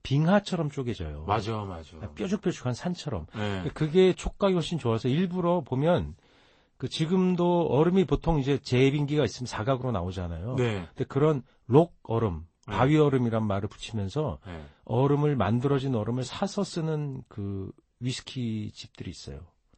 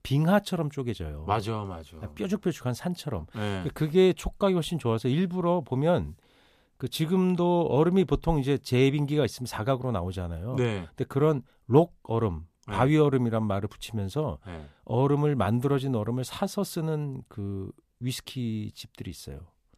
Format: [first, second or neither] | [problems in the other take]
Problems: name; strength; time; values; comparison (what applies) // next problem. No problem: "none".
second | garbled, watery; slightly; nothing above 8 kHz